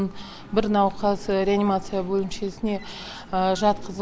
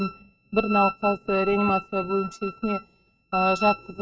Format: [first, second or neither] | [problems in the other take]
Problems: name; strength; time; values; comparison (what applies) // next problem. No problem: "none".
first | noise reduction (neural mask model RNNoise)